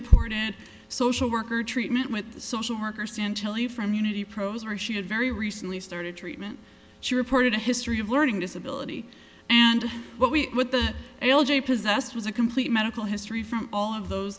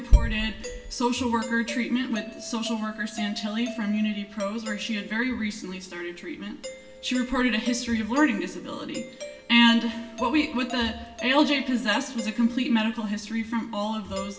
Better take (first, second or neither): first